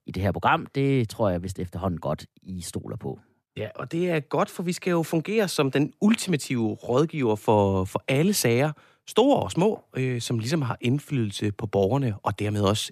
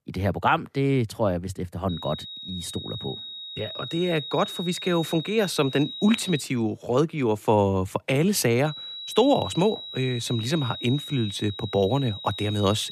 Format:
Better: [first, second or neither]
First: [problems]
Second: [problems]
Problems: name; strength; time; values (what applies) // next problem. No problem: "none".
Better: first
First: none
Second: high-pitched whine; loud; from 2 to 6.5 s and from 8.5 s on; 4 kHz, 9 dB below the speech